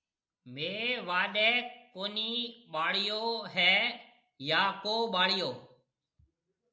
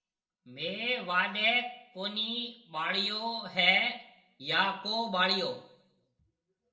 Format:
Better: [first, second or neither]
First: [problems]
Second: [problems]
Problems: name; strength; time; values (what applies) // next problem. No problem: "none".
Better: first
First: none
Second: room echo; dies away in 0.4 s